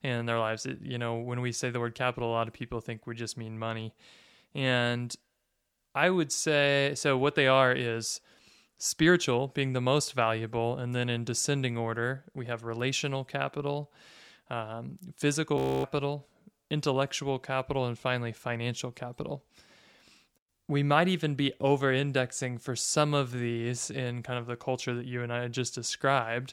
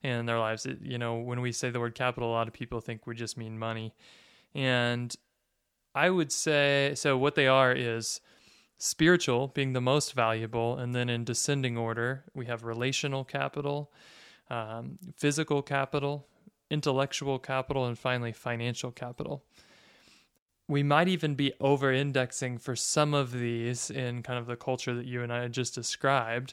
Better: second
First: audio freezing; at 16 s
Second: none

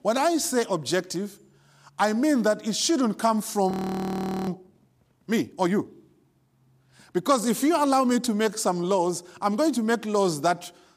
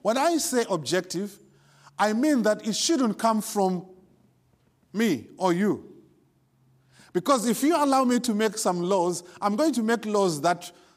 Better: second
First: audio freezing; at 3.5 s for 1 s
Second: none

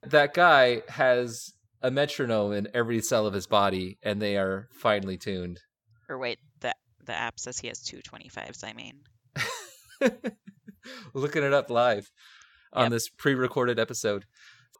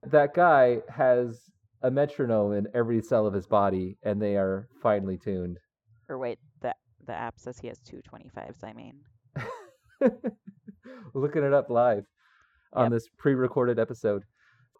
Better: first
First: none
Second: muffled; very; fading above 2 kHz

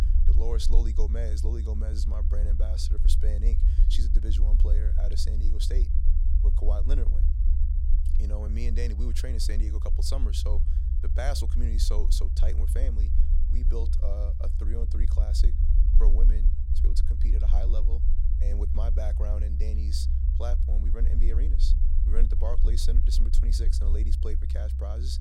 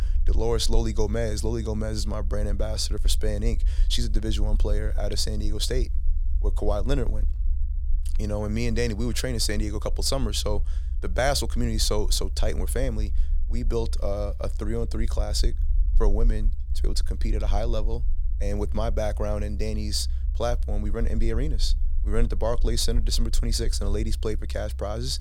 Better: second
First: low rumble; loud; throughout; 6 dB below the speech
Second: low rumble; faint; throughout; 20 dB below the speech

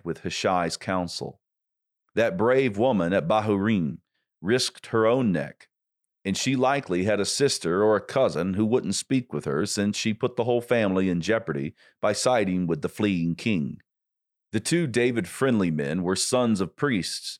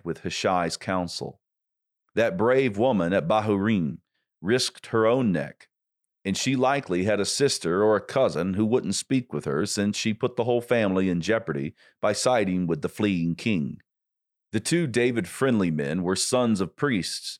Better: neither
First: none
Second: none

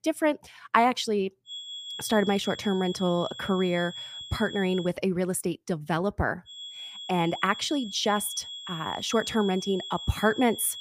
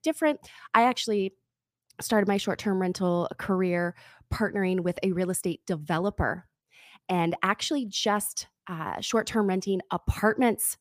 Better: second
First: high-pitched whine; noticeable; from 1.5 to 5 s and from 6.5 s on; 3.5 kHz, 10 dB below the speech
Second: none

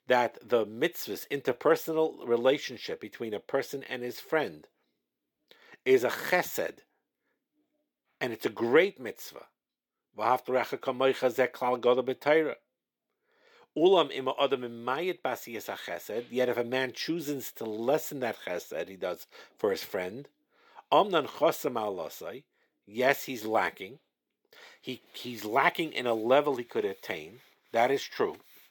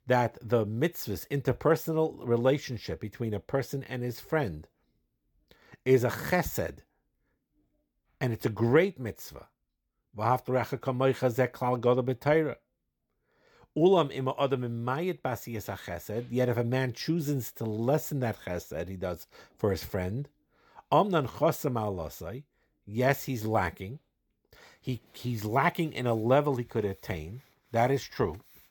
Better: second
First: thin; somewhat; fading below 350 Hz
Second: none

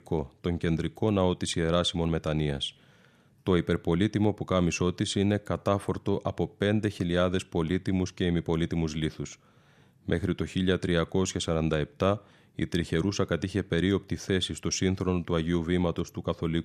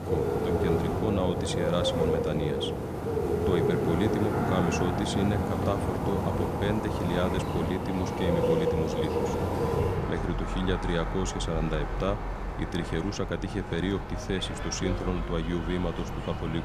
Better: first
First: none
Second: animal sounds; very loud; throughout; 1 dB above the speech

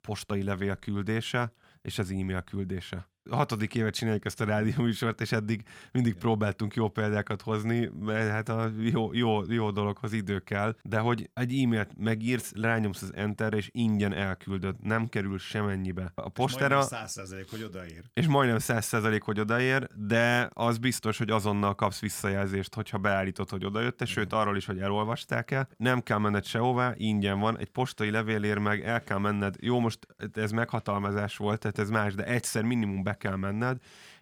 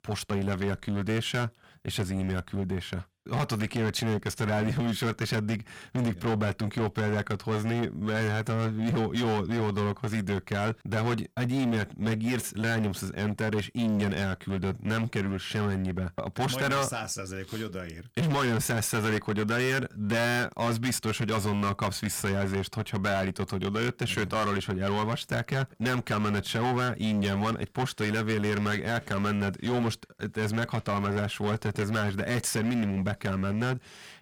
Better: first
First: none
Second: distortion; heavy; 17% of the sound clipped

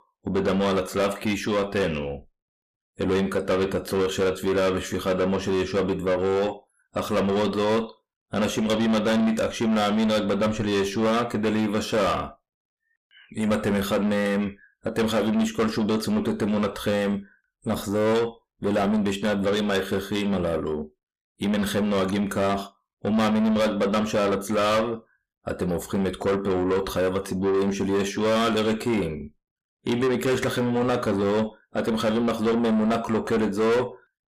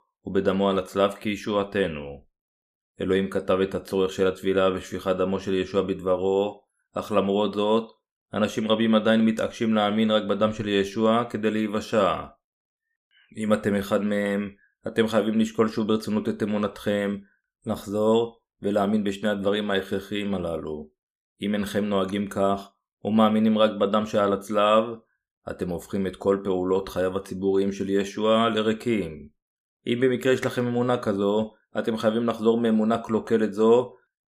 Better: second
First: distortion; heavy; 7 dB below the speech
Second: none

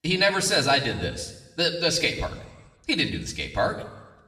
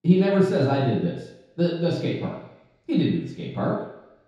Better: first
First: room echo; slight; dies away in 0.9 s // off-mic speech; somewhat distant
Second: room echo; strong; dies away in 0.8 s // off-mic speech; far

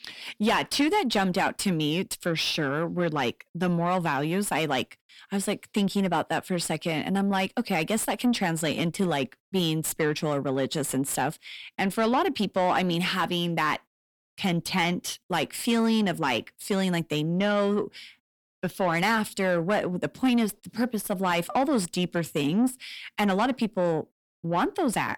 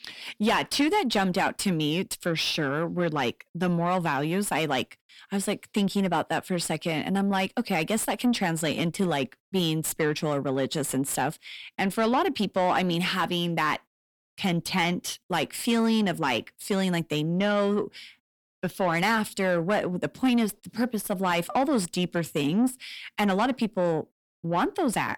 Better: neither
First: distortion; slight; 10 dB below the speech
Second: distortion; slight; 10 dB below the speech

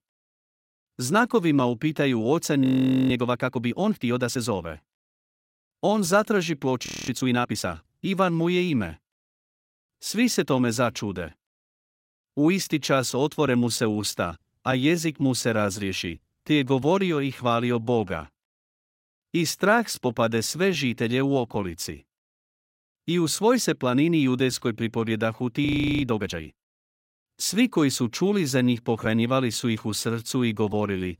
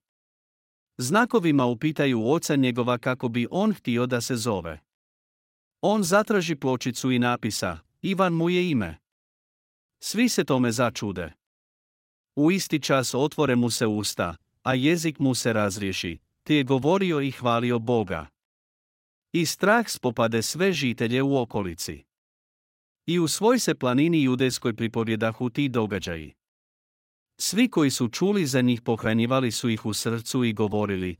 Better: second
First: audio freezing; at 2.5 s, at 7 s and at 26 s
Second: none

